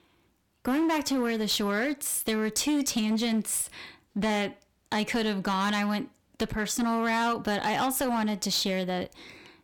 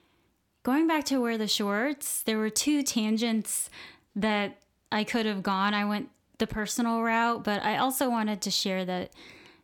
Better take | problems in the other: second | distortion; slight; 13% of the sound clipped

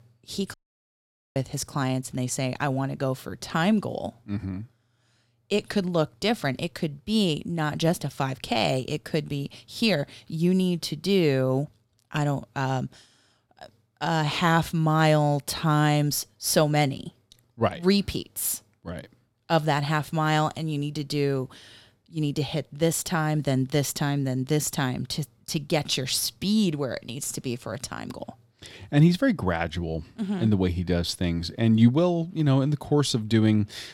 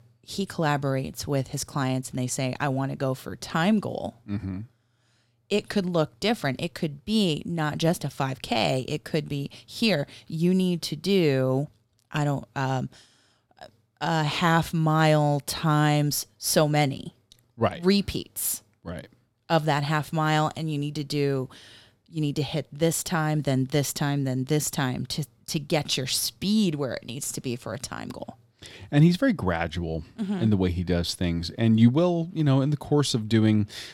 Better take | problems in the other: second | audio cutting out; at 0.5 s for 1 s

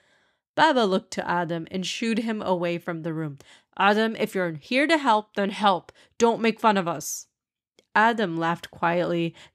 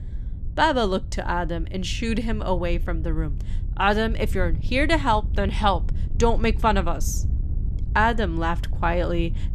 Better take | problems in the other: first | wind noise on the microphone; occasional gusts; 20 dB below the speech

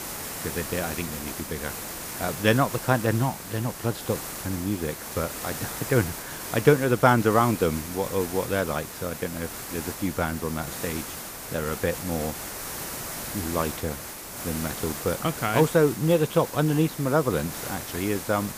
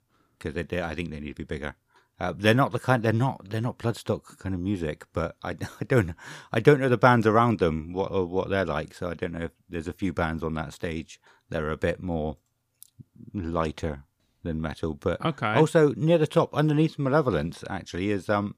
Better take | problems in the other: second | hiss; loud; throughout; 8 dB below the speech

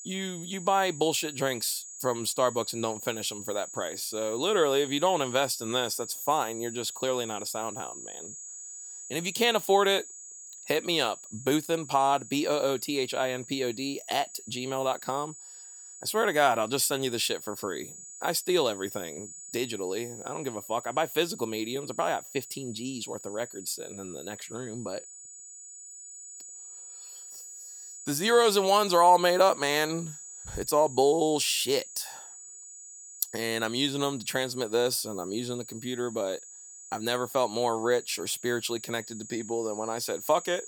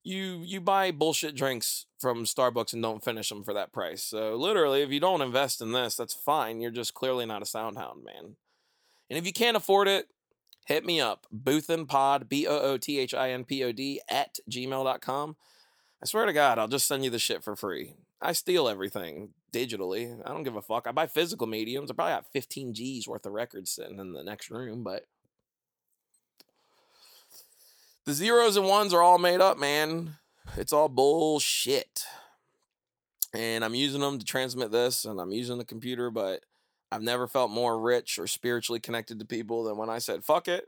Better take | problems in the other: second | high-pitched whine; noticeable; throughout; 7 kHz, 15 dB below the speech

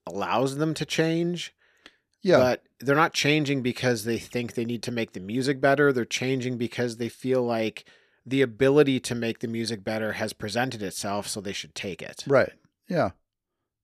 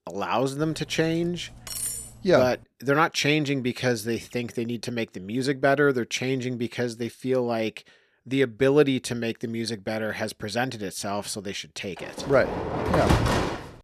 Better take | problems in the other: first | clattering dishes; noticeable; from 0.5 to 2.5 s; peak 3 dB below the speech // door banging; loud; from 12 s on; peak 4 dB above the speech

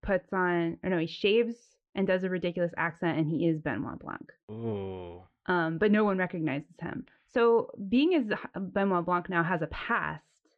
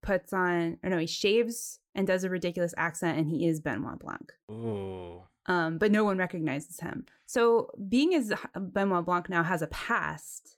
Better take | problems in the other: second | muffled; slightly; fading above 3 kHz

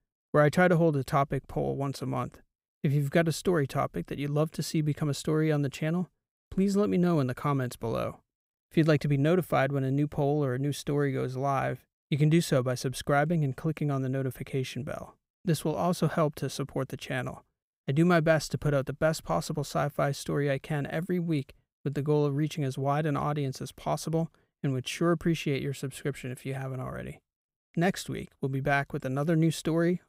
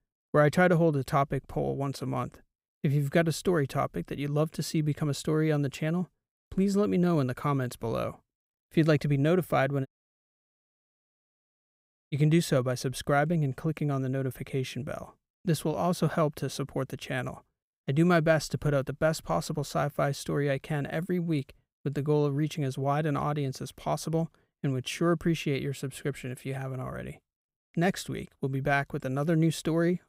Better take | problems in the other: first | audio cutting out; at 10 s for 2.5 s

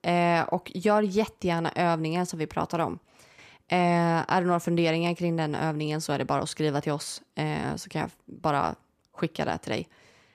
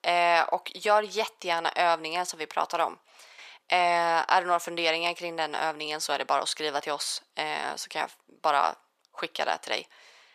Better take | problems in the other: first | thin; very; fading below 750 Hz

